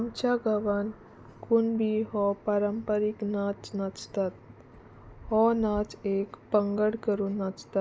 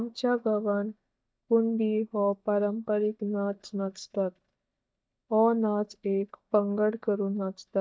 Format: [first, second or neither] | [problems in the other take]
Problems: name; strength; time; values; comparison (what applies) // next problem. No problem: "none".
first | noise reduction (neural mask model DeepFilterNet 3)